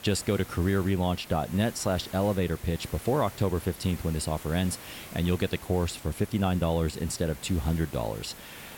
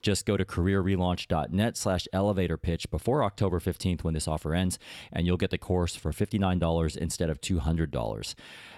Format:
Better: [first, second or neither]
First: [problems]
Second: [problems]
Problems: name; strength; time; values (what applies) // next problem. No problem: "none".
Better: second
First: hiss; noticeable; throughout; 15 dB below the speech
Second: none